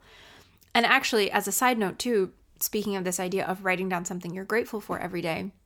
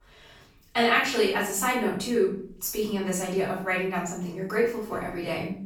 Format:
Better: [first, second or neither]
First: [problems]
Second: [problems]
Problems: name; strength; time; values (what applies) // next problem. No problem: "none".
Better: first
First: none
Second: room echo; noticeable; dies away in 0.5 s // off-mic speech; far